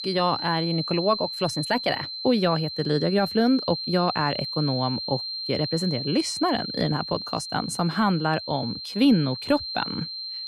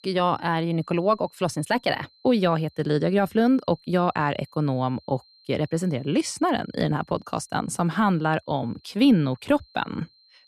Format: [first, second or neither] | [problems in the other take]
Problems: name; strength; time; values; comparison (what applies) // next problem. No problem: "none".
second | high-pitched whine; loud; throughout; 4 kHz, 6 dB below the speech; faint in the second